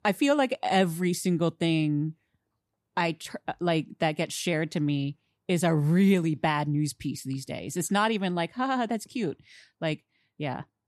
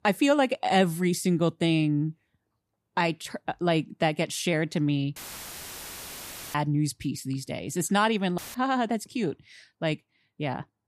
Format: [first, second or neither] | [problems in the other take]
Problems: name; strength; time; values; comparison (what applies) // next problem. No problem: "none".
first | audio cutting out; filled with static; at 5 s for 1.5 s and at 8.5 s